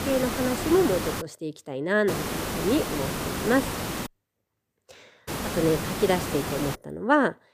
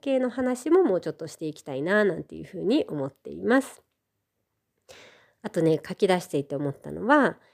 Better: second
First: hiss; loud; until 1 s, from 2 to 4 s and from 5.5 to 7 s; 4 dB below the speech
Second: none

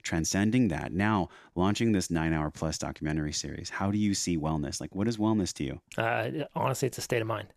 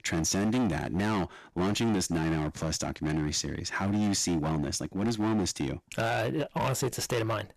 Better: first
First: none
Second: distortion; heavy; 18% of the sound clipped

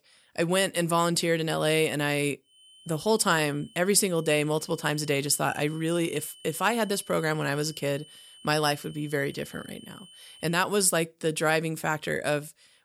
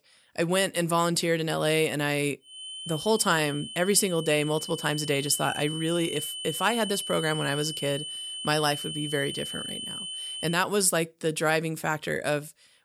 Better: first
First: high-pitched whine; faint; from 2.5 to 11 s; 3 kHz, 25 dB below the speech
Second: high-pitched whine; loud; from 2.5 to 11 s; 3 kHz, 8 dB below the speech

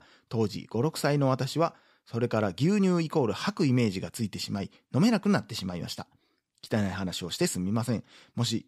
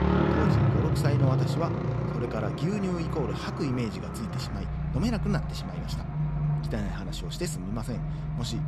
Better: first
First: none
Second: traffic noise; very loud; throughout; 4 dB above the speech

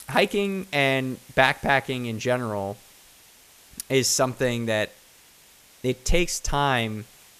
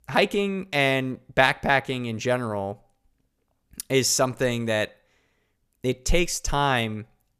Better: second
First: hiss; faint; throughout; 25 dB below the speech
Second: none

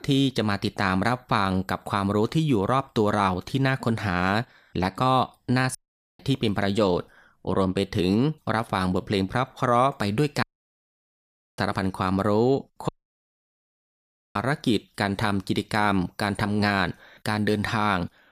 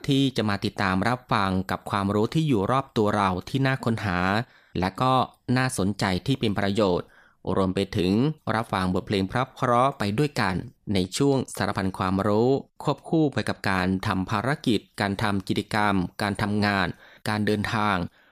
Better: second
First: audio cutting out; at 6 s, at 10 s for 1 s and at 13 s for 1.5 s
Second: none

